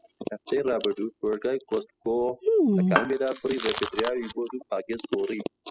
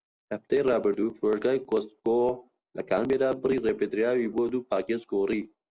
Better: second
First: noise reduction (classical method spectral subtraction)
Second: none

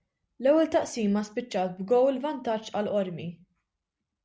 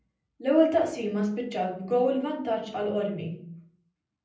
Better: first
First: none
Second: room echo; dies away in 0.6 s

